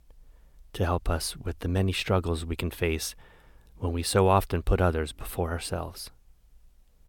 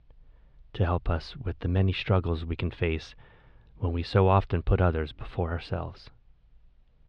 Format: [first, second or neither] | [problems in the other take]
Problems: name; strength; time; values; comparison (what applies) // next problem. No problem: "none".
first | muffled; slightly; fading above 4 kHz